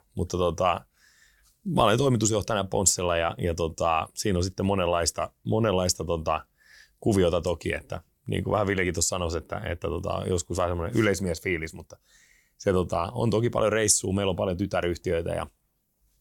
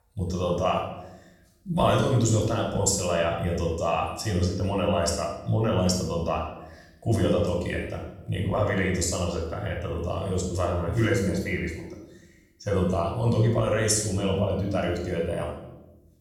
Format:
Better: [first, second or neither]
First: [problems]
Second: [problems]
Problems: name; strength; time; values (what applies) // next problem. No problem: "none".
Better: first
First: none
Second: off-mic speech; far // room echo; noticeable; dies away in 0.9 s